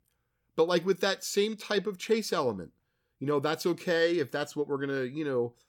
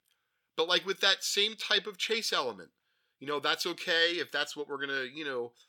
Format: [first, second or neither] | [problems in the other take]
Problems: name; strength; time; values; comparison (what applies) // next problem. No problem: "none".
first | thin; somewhat; fading below 700 Hz